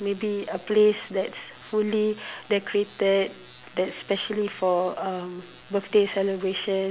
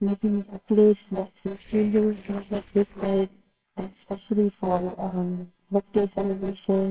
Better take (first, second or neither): first